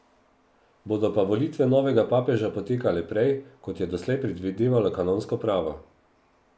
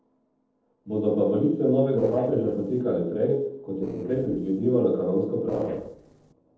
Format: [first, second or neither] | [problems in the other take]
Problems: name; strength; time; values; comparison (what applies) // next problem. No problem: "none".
first | noise reduction (neural separator model SepFormer DNS4)